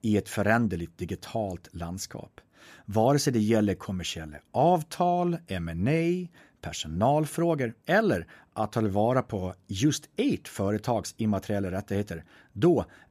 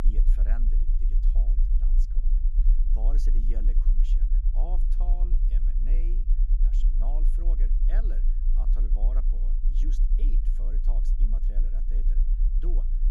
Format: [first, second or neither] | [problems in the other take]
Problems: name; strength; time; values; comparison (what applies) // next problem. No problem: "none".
first | low rumble; loud; throughout; 3 dB below the speech